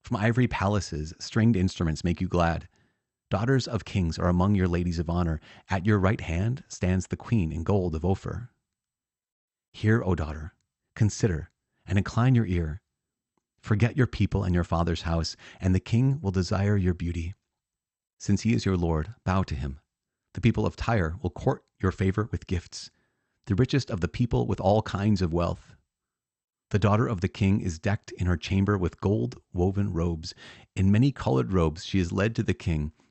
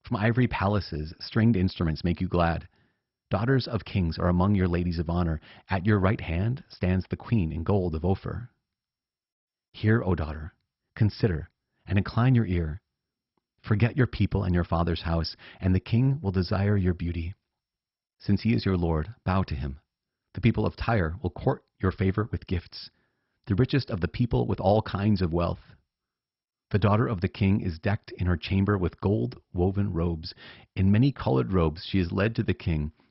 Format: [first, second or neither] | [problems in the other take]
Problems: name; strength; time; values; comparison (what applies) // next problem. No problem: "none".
first | garbled, watery; badly; nothing above 5.5 kHz; slightly in the first